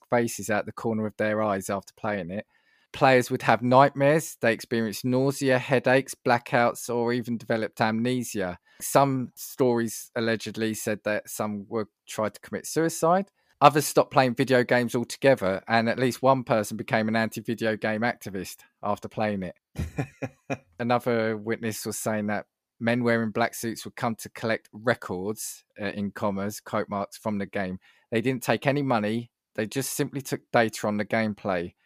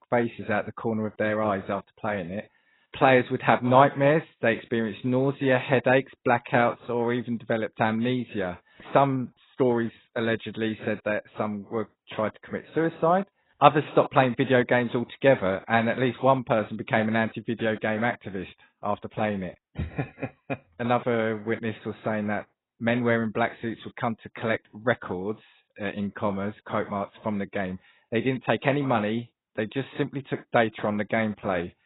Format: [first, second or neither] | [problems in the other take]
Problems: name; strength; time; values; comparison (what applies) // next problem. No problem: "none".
first | garbled, watery; badly; nothing above 4 kHz